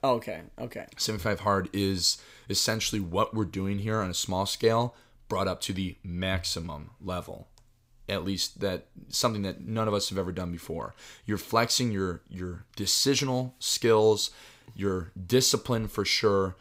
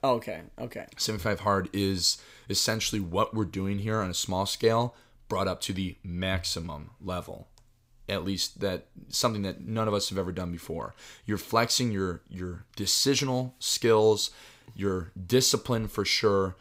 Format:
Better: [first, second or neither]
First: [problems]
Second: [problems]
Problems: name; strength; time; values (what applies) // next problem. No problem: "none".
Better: neither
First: none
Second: none